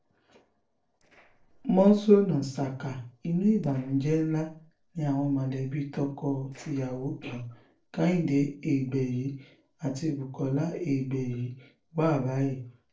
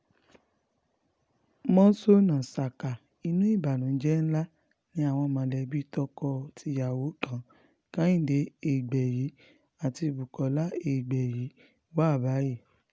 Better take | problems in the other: second | noise reduction (neural separator model SepFormer DNS4)

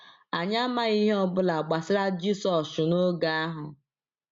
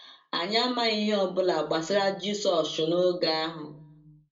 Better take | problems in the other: first | room echo; dies away in 0.2 s

